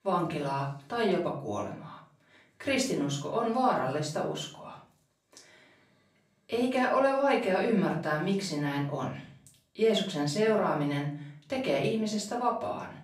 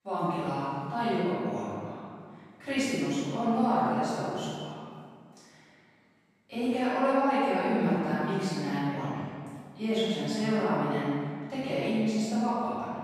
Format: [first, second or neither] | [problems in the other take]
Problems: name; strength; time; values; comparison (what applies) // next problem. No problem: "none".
first | room echo; strong; dies away in 1.8 s; slight in the first // off-mic speech; far; far in the first